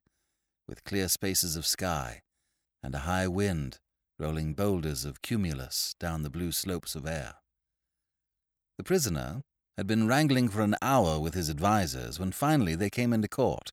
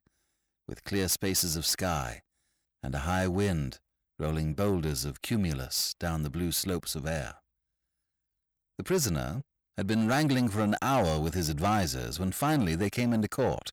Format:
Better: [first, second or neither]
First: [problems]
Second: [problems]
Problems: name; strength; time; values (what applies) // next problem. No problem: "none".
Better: first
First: none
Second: distortion; slight; 10 dB below the speech